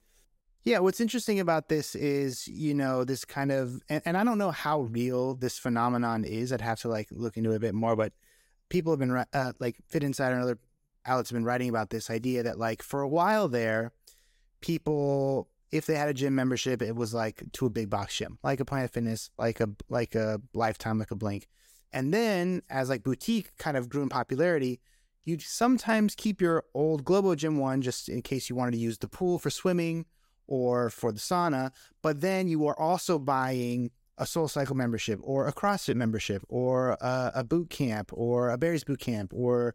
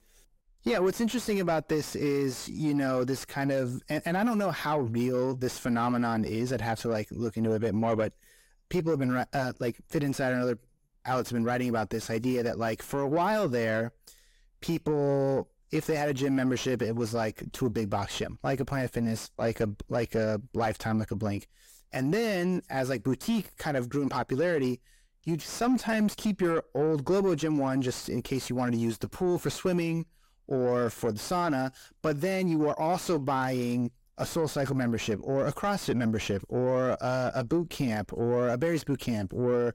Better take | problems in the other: first | distortion; slight; 10 dB below the speech

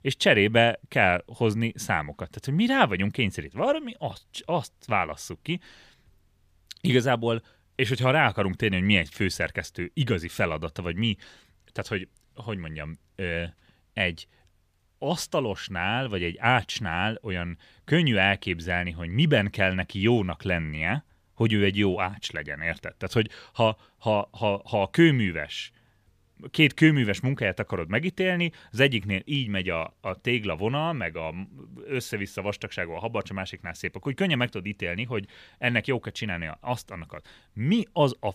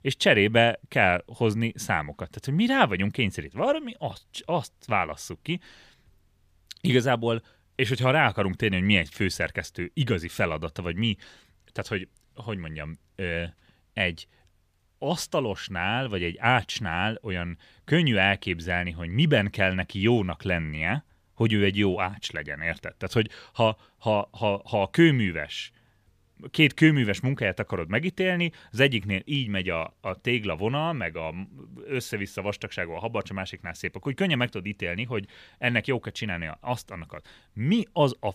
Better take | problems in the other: neither | none

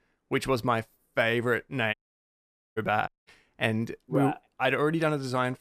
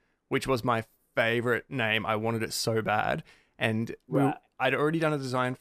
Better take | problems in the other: second | audio cutting out; at 2 s for 1 s and at 3 s

